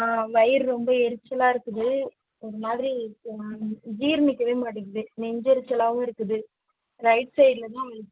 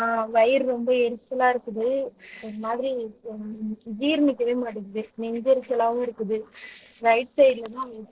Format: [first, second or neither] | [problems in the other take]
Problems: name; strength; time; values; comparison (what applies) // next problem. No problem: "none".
first | noise reduction (neural separator model SepFormer DNS4)